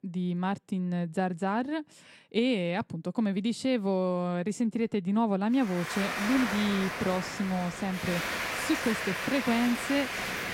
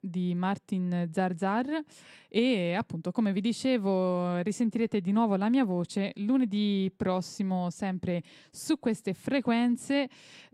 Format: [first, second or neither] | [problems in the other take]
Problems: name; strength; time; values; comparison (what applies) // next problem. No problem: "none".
second | crowd noise; loud; from 6 s on; 3 dB below the speech